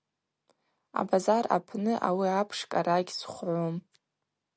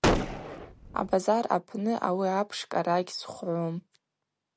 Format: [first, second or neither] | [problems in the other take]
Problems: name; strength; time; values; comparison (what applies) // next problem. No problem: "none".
first | background sound (Gunshot, gunfire); 1 dB above the speech